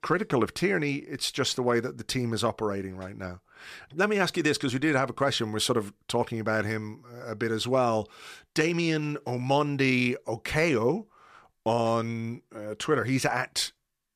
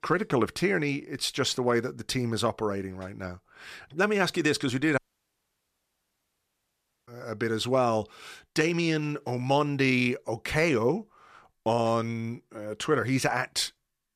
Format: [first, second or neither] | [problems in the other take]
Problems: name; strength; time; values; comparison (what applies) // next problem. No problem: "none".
first | audio cutting out; at 5 s for 2 s